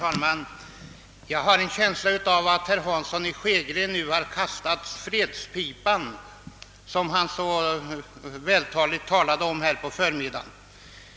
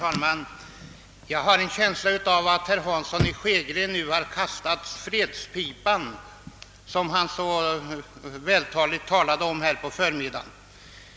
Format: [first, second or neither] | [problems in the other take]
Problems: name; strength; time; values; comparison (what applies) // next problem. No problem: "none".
first | background sound (Chirp, tweet / Slam / Car); 15 dB below the speech